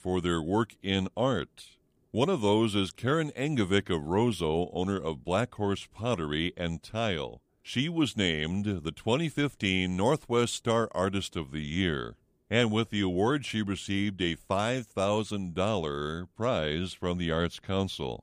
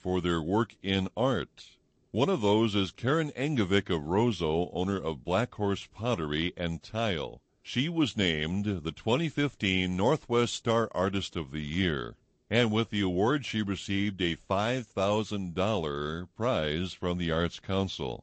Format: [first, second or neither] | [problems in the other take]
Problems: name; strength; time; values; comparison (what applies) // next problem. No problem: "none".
first | garbled, watery; slightly; nothing above 8 kHz